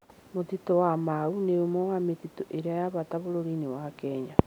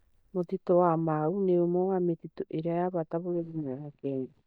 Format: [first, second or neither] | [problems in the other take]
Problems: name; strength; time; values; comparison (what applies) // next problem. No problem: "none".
first | noise reduction (neural mask model DeepFilterNet 3)